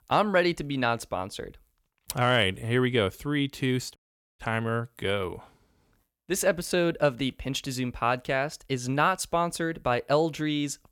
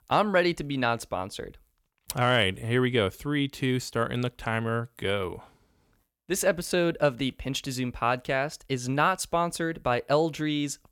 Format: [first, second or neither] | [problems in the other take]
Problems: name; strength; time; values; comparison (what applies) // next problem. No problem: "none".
second | audio cutting out; at 4 s